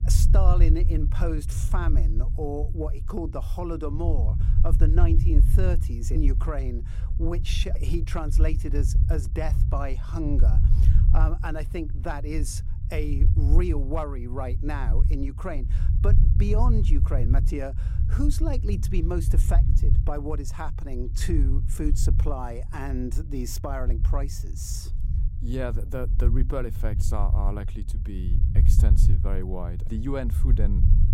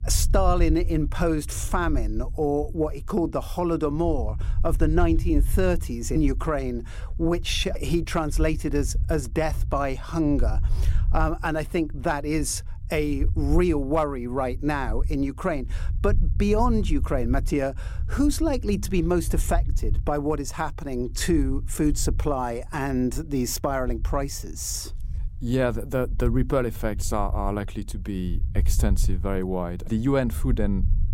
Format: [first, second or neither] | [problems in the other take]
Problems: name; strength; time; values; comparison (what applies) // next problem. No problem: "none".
second | low rumble; loud; throughout; 8 dB below the speech; faint in the second